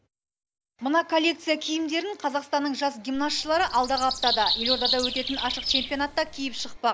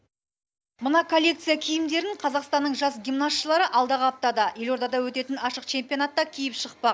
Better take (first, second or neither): second